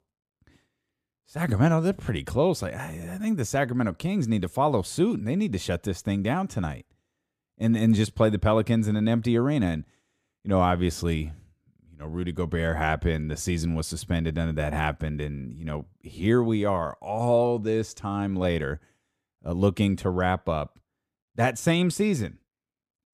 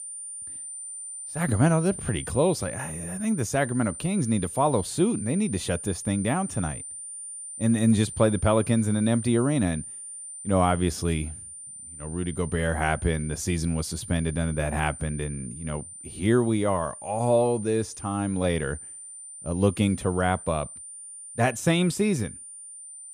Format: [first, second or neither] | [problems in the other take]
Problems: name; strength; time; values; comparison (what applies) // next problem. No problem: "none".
first | high-pitched whine; noticeable; throughout; 9 kHz, 10 dB below the speech